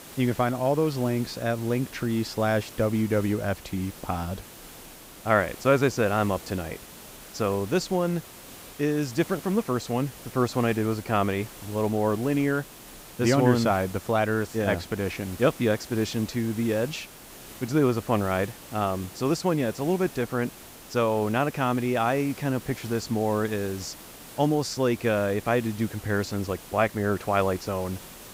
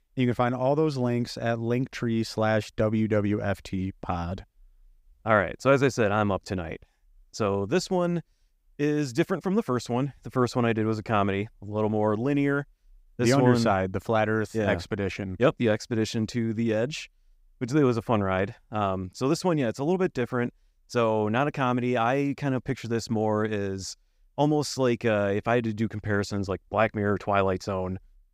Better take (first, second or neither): second